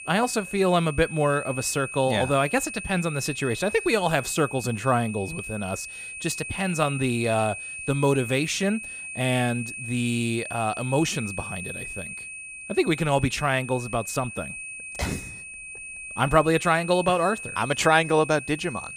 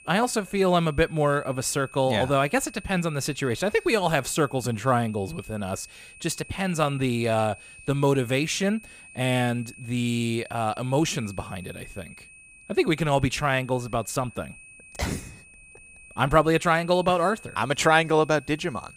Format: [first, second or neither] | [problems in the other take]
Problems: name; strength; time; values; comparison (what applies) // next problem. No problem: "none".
second | high-pitched whine; loud; throughout; 2.5 kHz, 10 dB below the speech; faint in the second